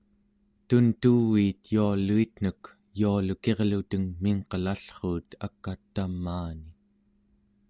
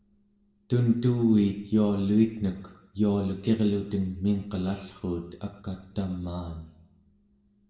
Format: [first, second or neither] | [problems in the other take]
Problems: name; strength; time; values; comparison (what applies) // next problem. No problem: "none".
first | room echo; dies away in 0.8 s